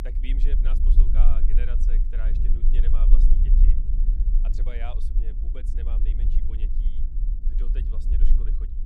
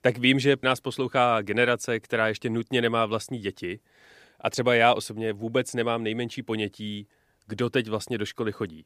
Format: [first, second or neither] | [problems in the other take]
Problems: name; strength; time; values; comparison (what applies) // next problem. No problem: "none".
second | low rumble; loud; throughout; 2 dB below the speech